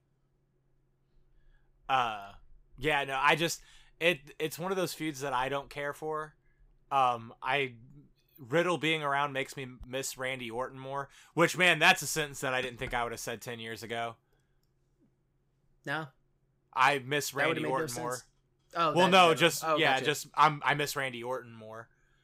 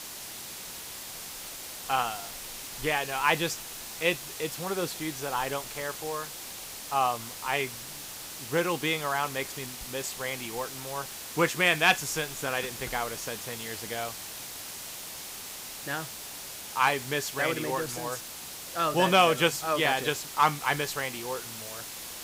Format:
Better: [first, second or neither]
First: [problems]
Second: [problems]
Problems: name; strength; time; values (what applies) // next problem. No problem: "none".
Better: first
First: none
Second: hiss; loud; throughout; 9 dB below the speech